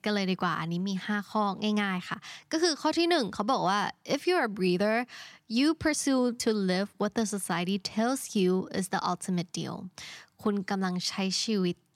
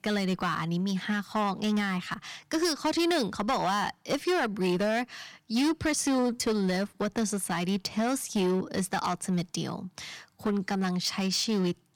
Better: first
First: none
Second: distortion; slight; 10% of the sound clipped

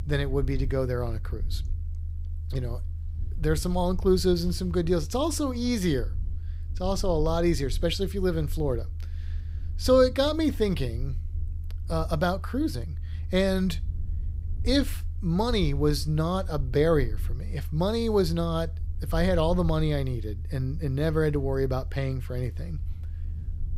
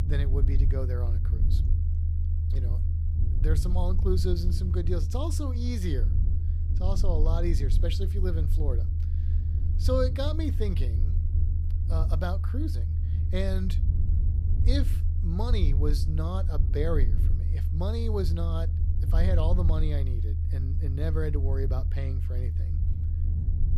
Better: first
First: low rumble; faint; throughout; 25 dB below the speech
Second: low rumble; loud; throughout; 8 dB below the speech

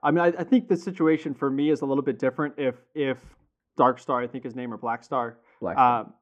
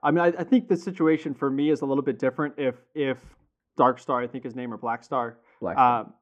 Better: neither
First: muffled; very; fading above 2.5 kHz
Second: muffled; very; fading above 2.5 kHz

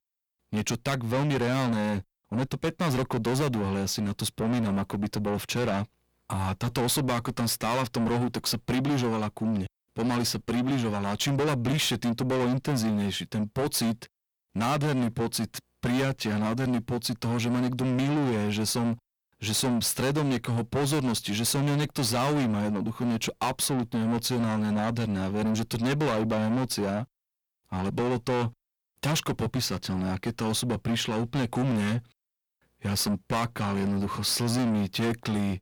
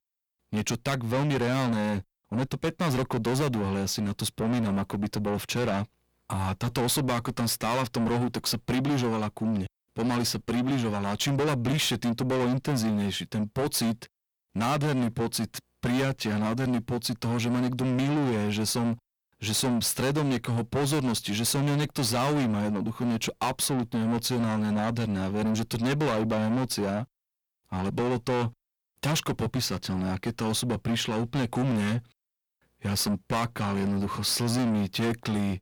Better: neither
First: distortion; heavy; 6 dB below the speech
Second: distortion; heavy; 6 dB below the speech

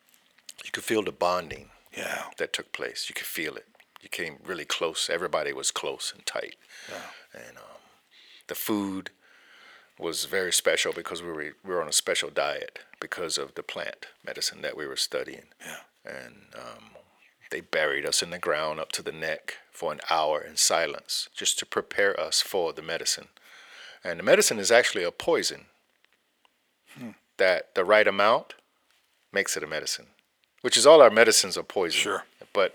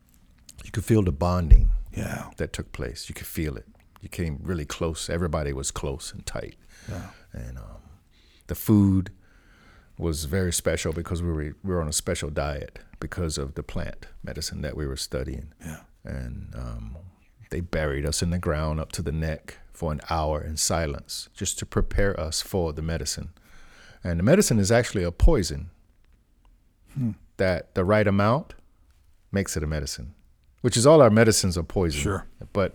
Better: second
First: thin; very; fading below 550 Hz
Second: none

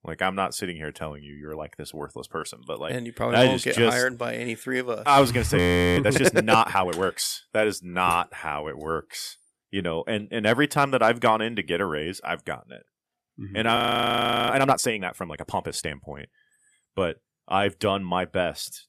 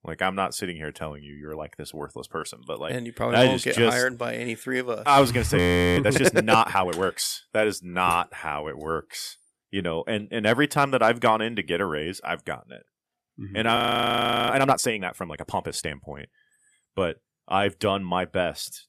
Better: neither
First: audio freezing; at 5.5 s and at 14 s for 0.5 s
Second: audio freezing; at 5.5 s and at 14 s for 0.5 s

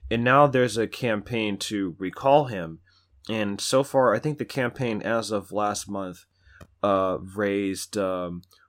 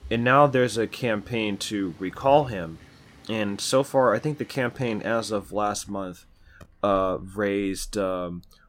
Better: first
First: none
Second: animal sounds; faint; throughout; 25 dB below the speech

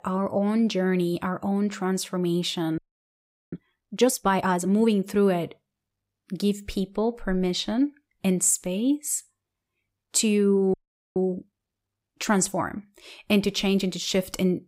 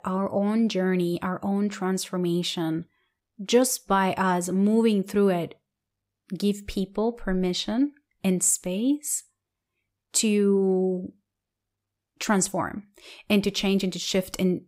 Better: second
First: audio freezing; at 3 s for 0.5 s and at 11 s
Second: none

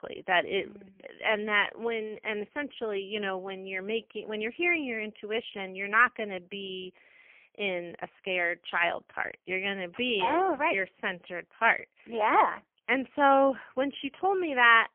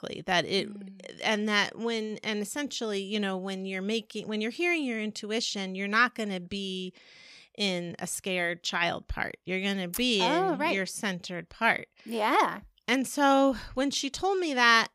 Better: second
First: phone-call audio; poor line; nothing above 3.5 kHz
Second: none

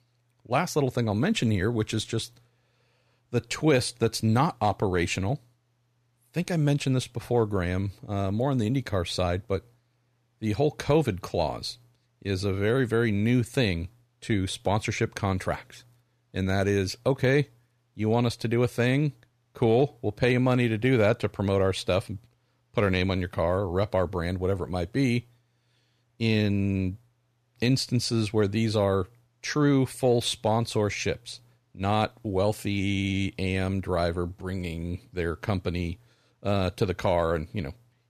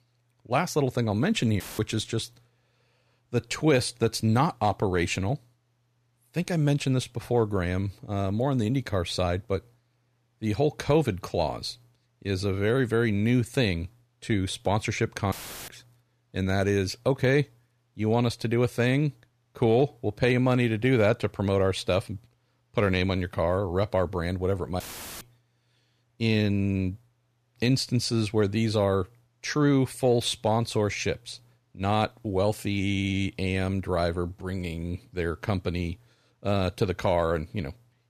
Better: first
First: none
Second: audio cutting out; filled with static; at 1.5 s, at 15 s and at 25 s

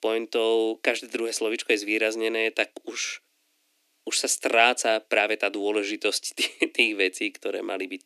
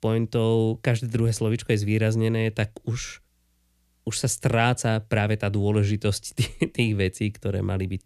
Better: second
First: thin; very; fading below 300 Hz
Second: none

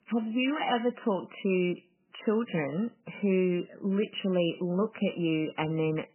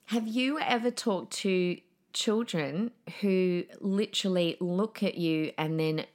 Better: second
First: garbled, watery; badly; nothing above 3 kHz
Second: none

